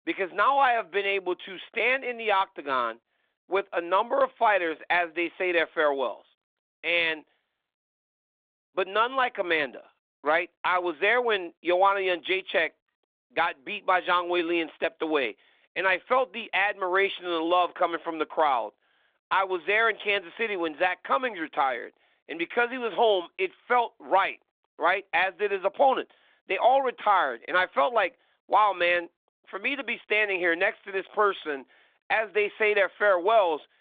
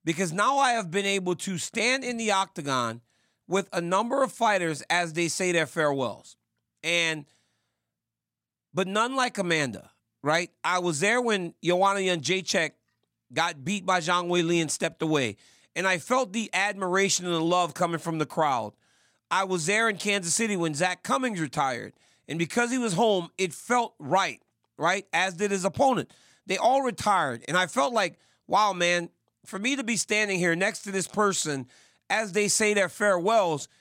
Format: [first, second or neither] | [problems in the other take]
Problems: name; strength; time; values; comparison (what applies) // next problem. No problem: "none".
second | phone-call audio